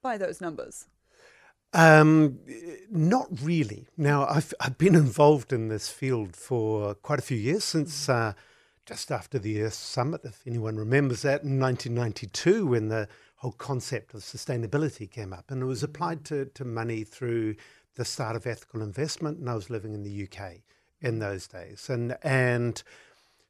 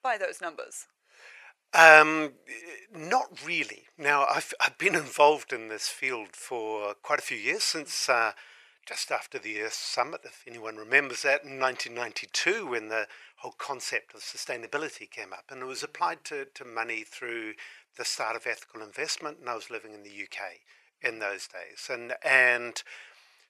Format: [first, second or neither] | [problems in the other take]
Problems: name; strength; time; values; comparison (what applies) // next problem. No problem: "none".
first | thin; very; fading below 750 Hz